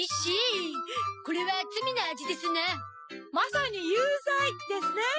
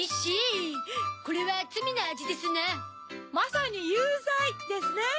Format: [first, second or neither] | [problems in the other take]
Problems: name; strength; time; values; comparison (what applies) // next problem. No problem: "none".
second | noise reduction (classical method spectral subtraction)